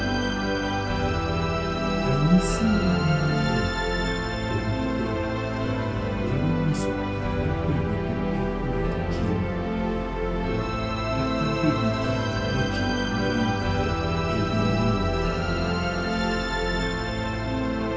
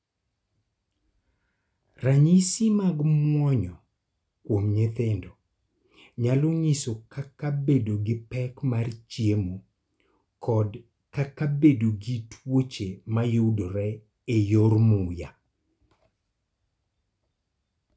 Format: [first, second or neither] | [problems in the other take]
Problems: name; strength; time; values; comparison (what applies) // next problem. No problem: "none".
second | background sound (Musical instrument); 5 dB above the speech // room echo; dies away in 0.2 s